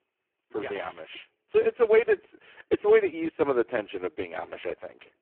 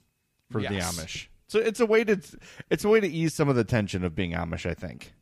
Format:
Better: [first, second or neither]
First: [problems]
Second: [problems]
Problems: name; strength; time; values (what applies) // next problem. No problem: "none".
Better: second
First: phone-call audio; poor line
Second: none